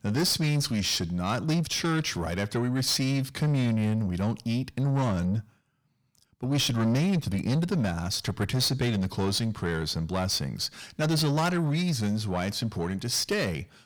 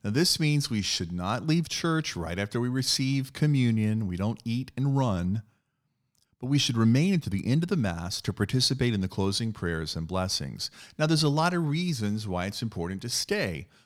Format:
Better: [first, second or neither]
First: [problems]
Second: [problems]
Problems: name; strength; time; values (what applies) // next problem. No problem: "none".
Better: second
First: distortion; slight; 10 dB below the speech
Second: none